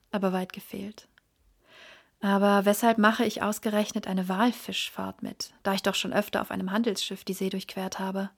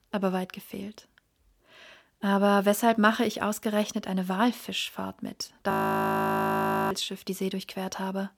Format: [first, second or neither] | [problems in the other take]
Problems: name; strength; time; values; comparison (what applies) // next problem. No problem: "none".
first | audio freezing; at 5.5 s for 1 s